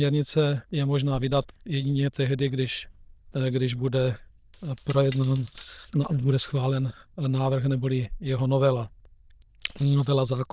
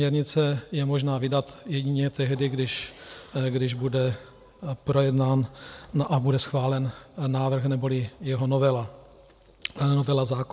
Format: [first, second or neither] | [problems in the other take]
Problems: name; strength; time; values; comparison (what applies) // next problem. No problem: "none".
second | noise reduction (neural diffusion model UNIVERSE++)